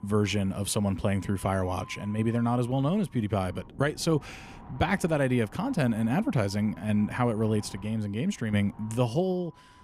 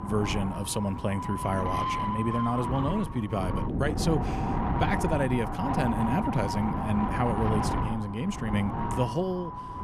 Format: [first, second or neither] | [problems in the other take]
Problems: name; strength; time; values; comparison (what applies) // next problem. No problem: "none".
first | wind noise on the microphone; heavy; 1 dB above the speech; occasional gusts in the first